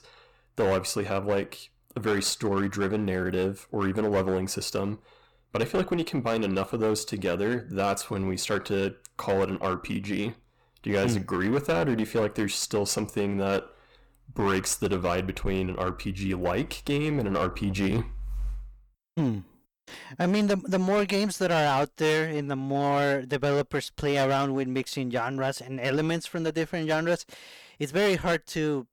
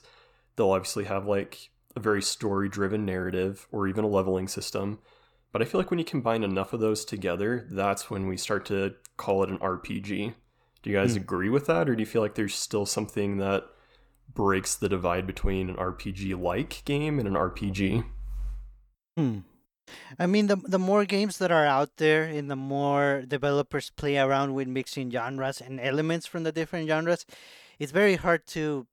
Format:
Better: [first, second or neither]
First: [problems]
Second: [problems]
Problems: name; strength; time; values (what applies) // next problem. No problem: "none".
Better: second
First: distortion; slight; 11% of the sound clipped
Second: none